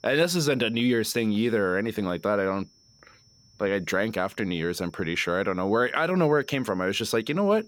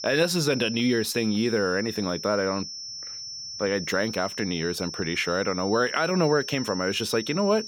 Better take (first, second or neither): first